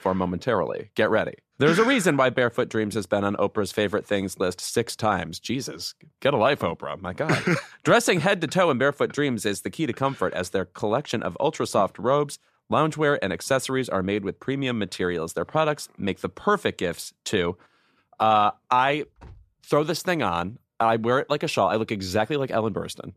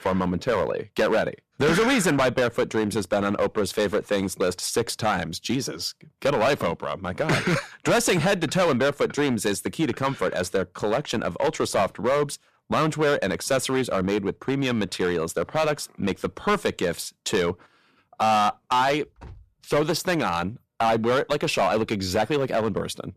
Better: first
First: none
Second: distortion; heavy; 8% of the sound clipped

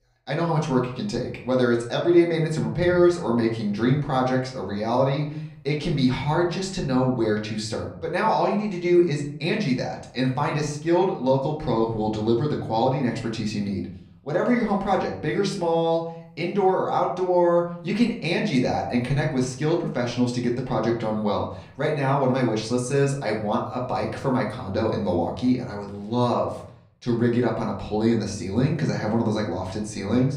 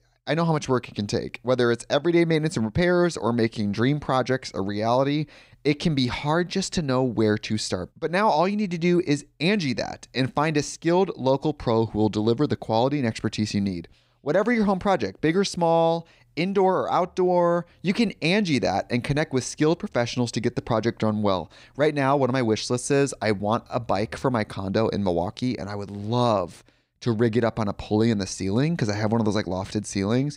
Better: second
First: room echo; slight; dies away in 0.6 s // off-mic speech; far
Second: none

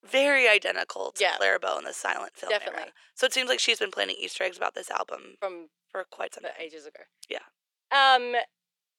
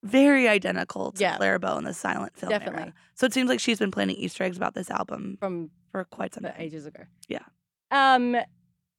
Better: second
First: thin; very; fading below 450 Hz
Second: none

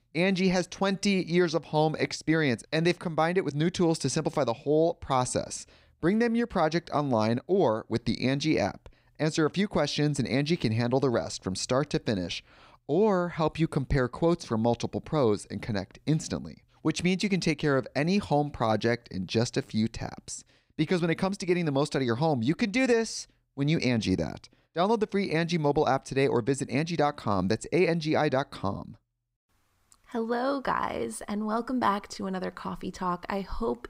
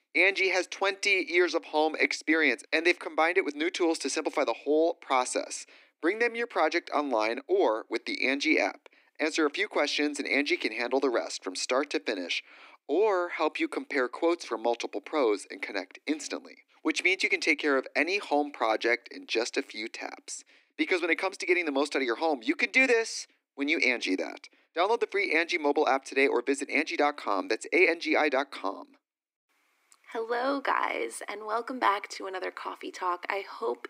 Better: first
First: none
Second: thin; somewhat; fading below 250 Hz

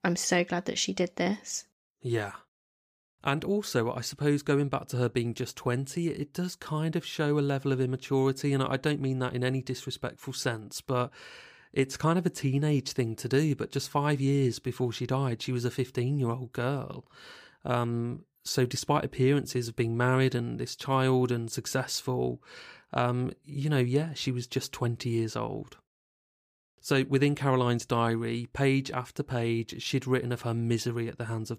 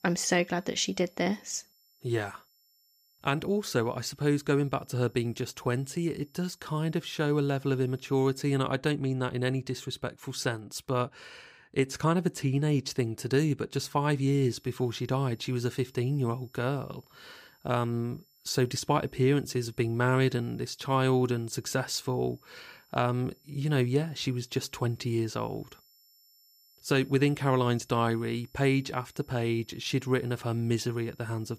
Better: first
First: none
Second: high-pitched whine; faint; until 8.5 s and from 14 s on; 5.5 kHz, 30 dB below the speech

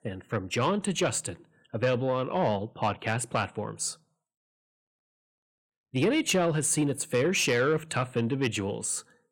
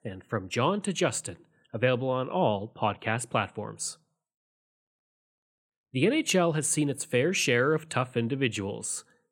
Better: second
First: distortion; slight; 10 dB below the speech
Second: none

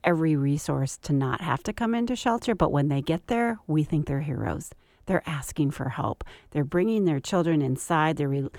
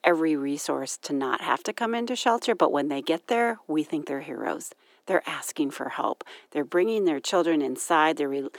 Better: first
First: none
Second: thin; somewhat; fading below 300 Hz

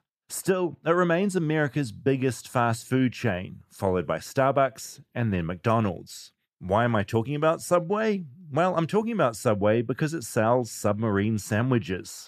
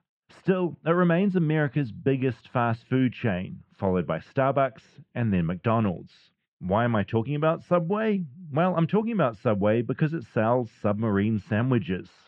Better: first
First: none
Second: muffled; very; fading above 3 kHz

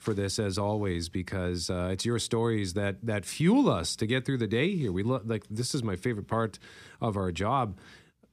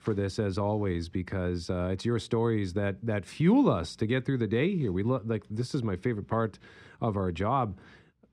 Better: first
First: none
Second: muffled; slightly; fading above 2 kHz

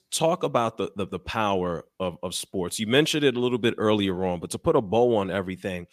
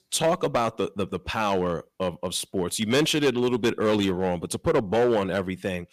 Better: first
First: none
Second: distortion; slight; 6% of the sound clipped

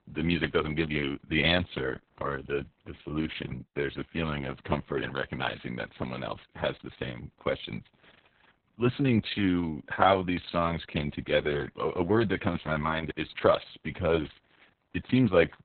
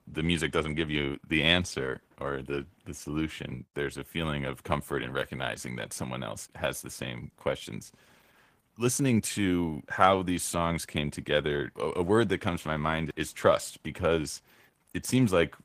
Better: second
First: garbled, watery; badly; nothing above 4 kHz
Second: garbled, watery; slightly; nothing above 15 kHz

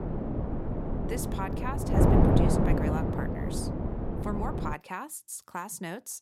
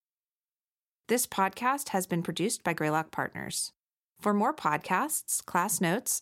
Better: second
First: wind noise on the microphone; heavy; until 4.5 s; 4 dB above the speech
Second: none

